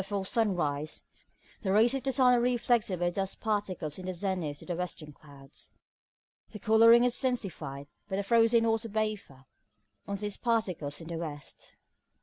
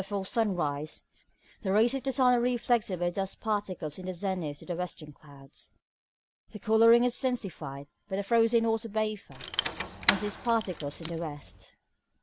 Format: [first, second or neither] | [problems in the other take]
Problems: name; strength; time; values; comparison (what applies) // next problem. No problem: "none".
first | background sound (Rattle / Keys jangling); 6 dB below the speech